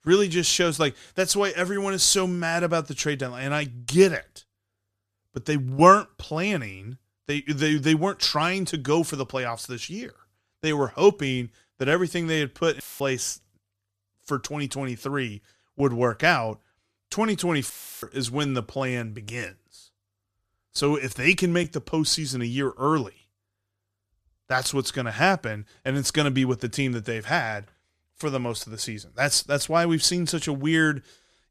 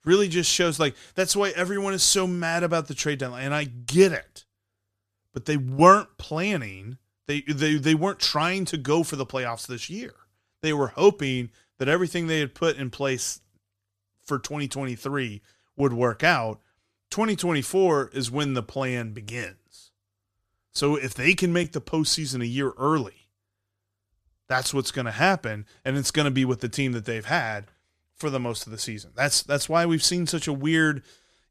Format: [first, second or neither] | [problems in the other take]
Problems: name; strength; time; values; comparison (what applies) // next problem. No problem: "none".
second | audio cutting out; filled with static; at 13 s and at 18 s